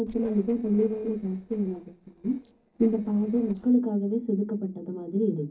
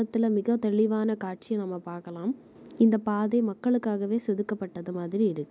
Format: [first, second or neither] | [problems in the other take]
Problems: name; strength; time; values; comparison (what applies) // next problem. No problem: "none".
second | noise reduction (neural separator model SepFormer DNS4)